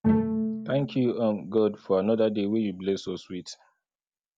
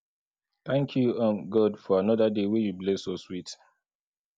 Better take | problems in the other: second | background sound (Bowed string instrument); 3 dB below the speech

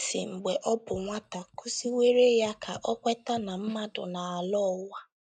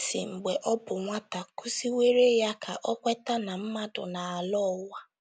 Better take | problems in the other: second | noise reduction (neural mask model DeepFilterNet 3)

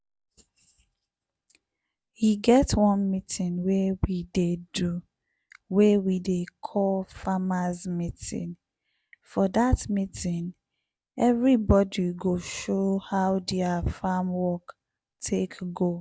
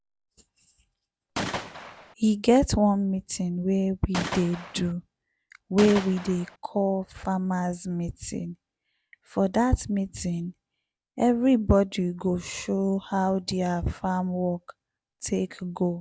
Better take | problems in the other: first | background sound (Gunshot, gunfire); 7 dB below the speech

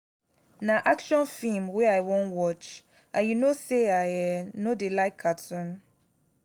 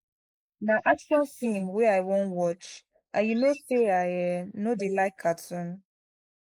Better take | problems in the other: first | noise reduction (neural mask model Resemble Enhance denoiser)

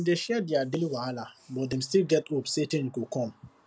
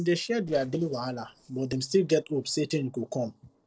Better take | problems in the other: first | noise reduction (neural separator model SepFormer DNS4)

